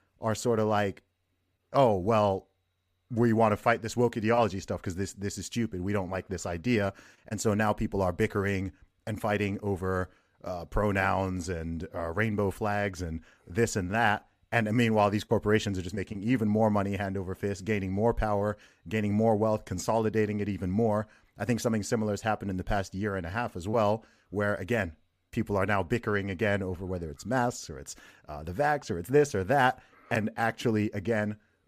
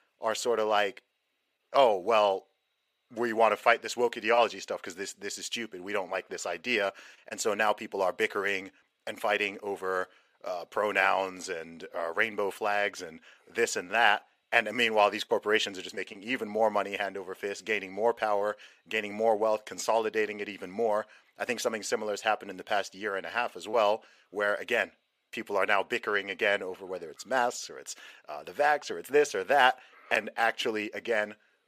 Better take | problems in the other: first | thin; very; fading below 500 Hz

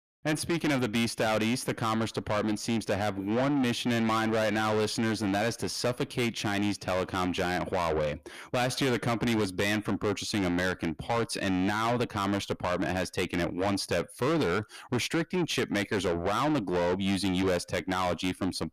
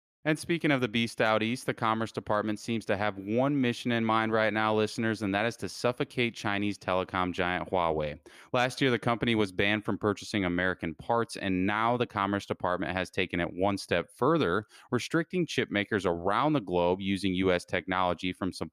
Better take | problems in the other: second | distortion; heavy; 6 dB below the speech

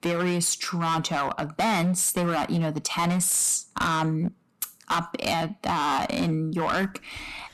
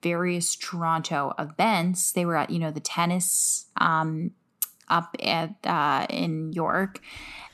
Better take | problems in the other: second | distortion; heavy; 15% of the sound clipped

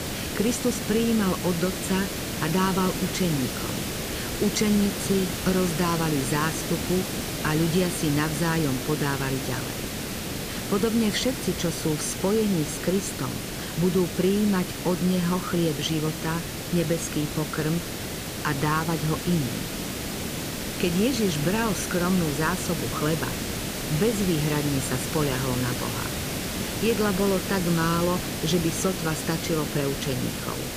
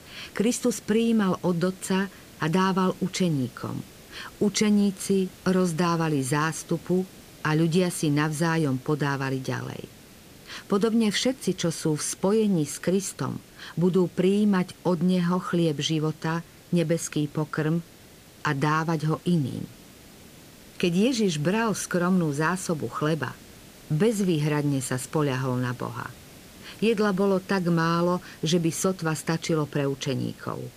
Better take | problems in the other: second | hiss; loud; throughout; 4 dB below the speech; faint in the second

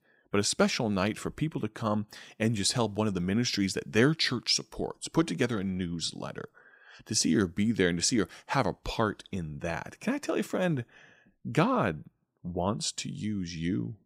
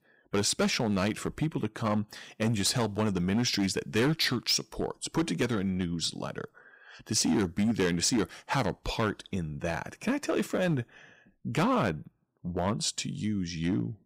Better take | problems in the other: first | distortion; slight; 6% of the sound clipped

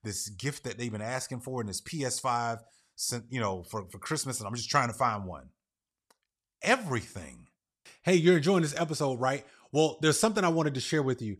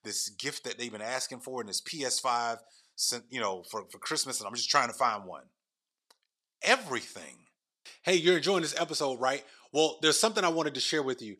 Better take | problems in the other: first | thin; somewhat; fading below 300 Hz

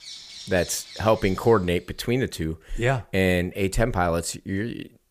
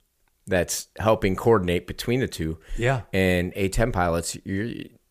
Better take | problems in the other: second | animal sounds; noticeable; until 1.5 s; 15 dB below the speech

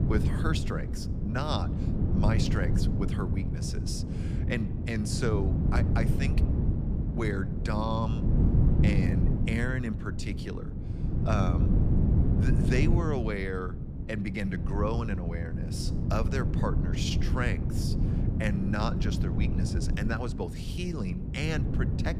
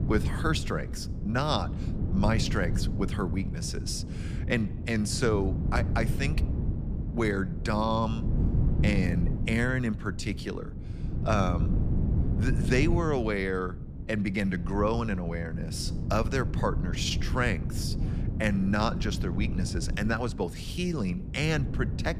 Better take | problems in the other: second | wind noise on the microphone; heavy; 4 dB below the speech; occasional gusts in the second

